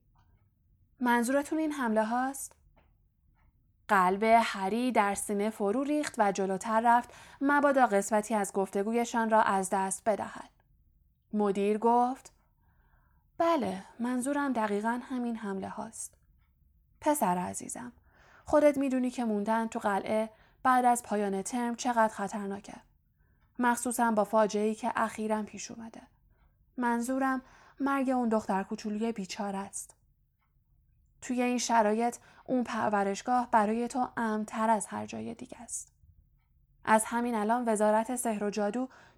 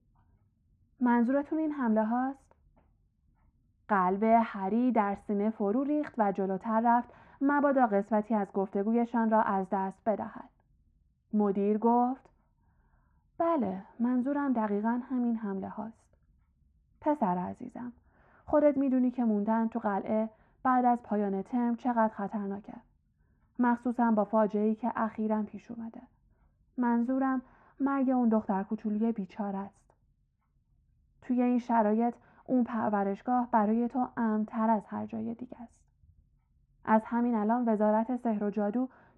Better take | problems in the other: first | muffled; very; fading above 1.5 kHz

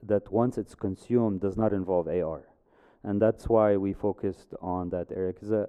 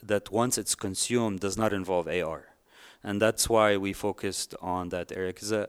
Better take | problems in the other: second | muffled; very; fading above 1.5 kHz

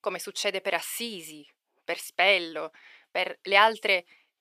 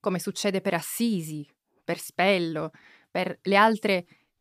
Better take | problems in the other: second | thin; very; fading below 550 Hz

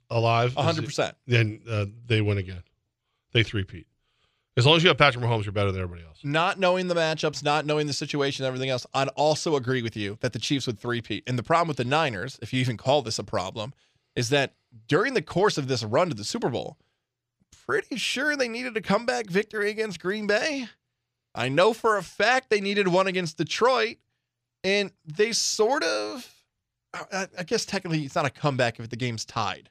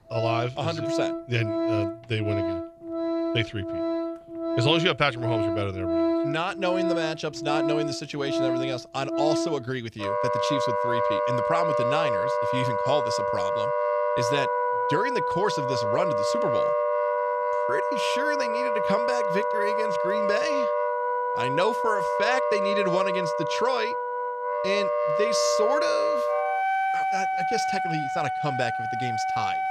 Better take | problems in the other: first | background music; very loud; throughout; 3 dB above the speech

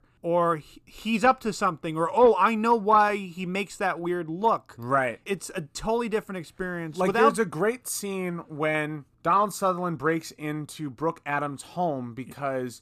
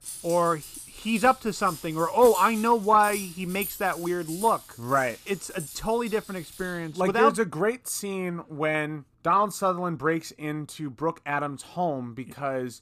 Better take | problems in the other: first | jangling keys; noticeable; until 7 s; peak 8 dB below the speech

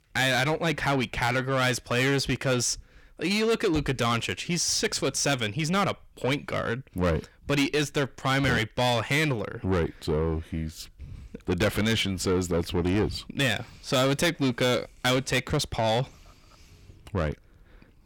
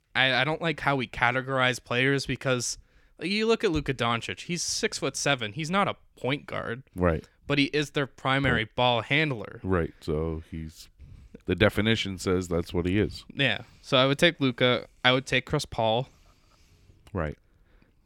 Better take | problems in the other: second | distortion; heavy; 7 dB below the speech

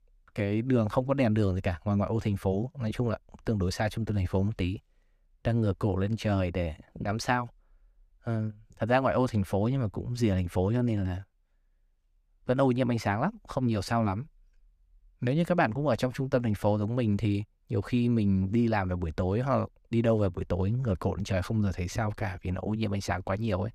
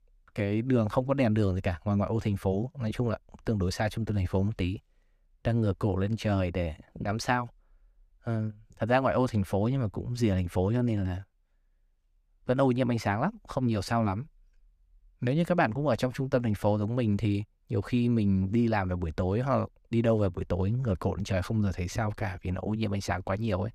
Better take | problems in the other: neither | none

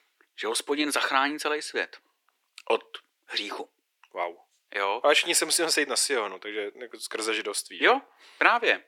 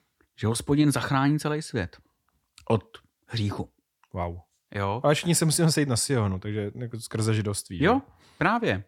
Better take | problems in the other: second | thin; very; fading below 350 Hz

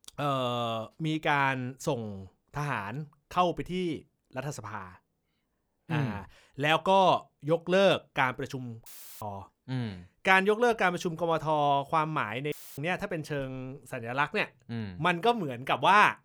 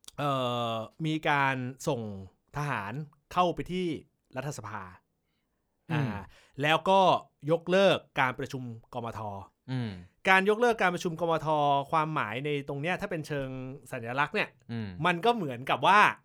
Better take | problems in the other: second | audio cutting out; filled with static; at 9 s and at 13 s

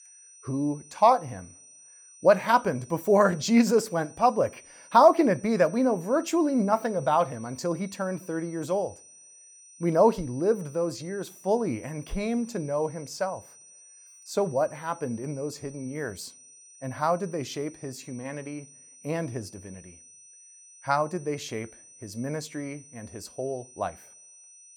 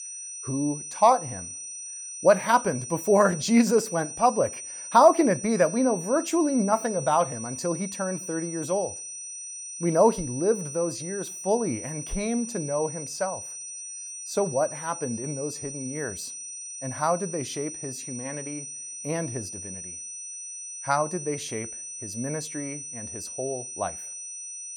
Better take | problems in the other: first | high-pitched whine; loud; throughout; 6 kHz, 9 dB below the speech; faint in the first

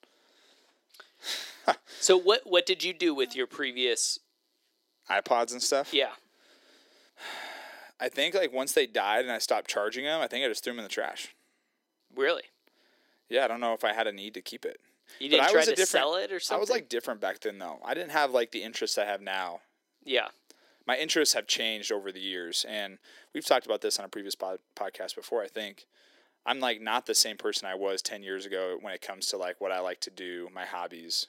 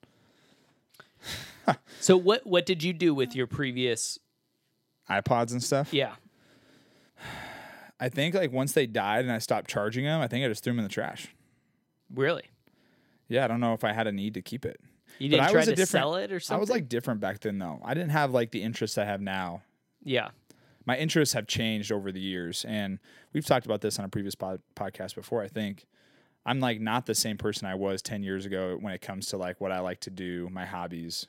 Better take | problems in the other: second | thin; somewhat; fading below 350 Hz

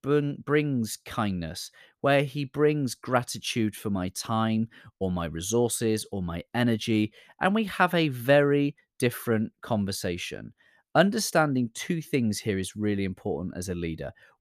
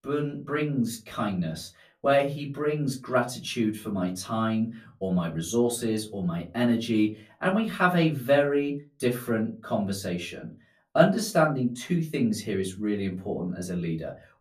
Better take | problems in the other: first | off-mic speech; far // room echo; very slight; dies away in 0.2 s

